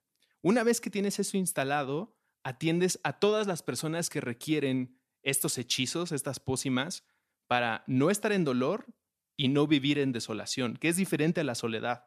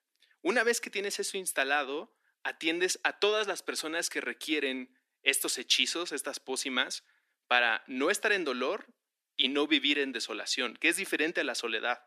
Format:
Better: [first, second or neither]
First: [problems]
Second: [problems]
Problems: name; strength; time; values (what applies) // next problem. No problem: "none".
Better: first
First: none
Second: thin; somewhat; fading below 300 Hz